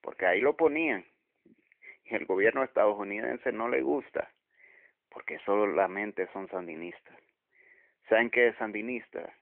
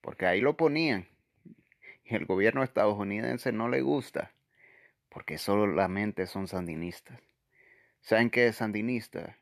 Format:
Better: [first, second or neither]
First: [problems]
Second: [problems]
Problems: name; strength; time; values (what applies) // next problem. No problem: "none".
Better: second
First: phone-call audio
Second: none